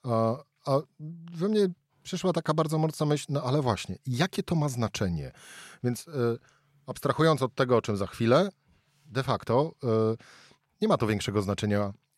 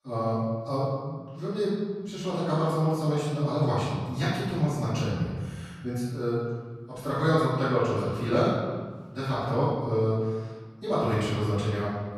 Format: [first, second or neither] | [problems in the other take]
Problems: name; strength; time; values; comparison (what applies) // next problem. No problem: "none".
first | off-mic speech; far // room echo; strong; dies away in 1.5 s